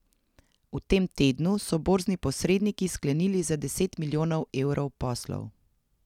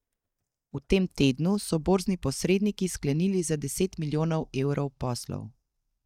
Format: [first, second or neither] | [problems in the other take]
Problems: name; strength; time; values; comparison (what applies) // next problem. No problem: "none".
first | noise reduction (neural mask model DeepFilterNet 3)